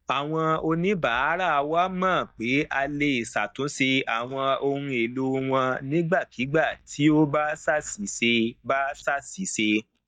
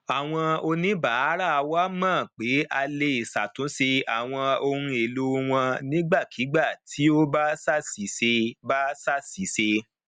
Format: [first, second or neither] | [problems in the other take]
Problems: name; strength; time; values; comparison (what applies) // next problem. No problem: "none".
second | noise reduction (neural mask model DeepFilterNet 3)